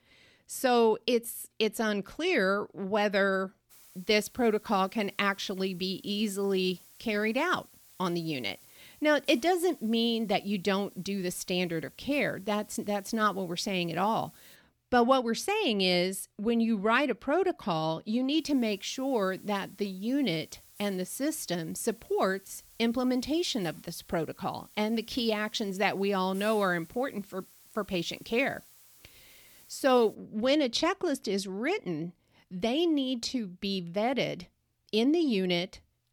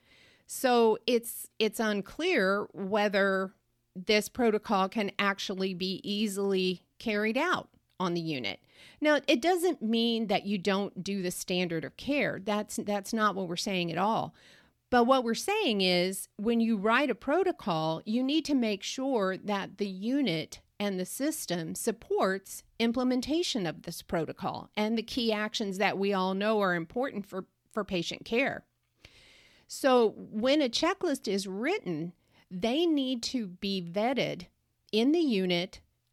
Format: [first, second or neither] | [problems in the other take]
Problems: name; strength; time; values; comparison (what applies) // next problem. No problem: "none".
second | hiss; faint; from 3.5 to 15 s and from 18 to 30 s; 25 dB below the speech